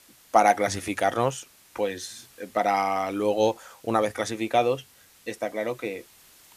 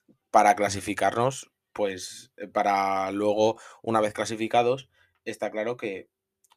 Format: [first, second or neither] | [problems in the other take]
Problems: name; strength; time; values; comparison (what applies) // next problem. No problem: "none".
second | hiss; faint; throughout; 25 dB below the speech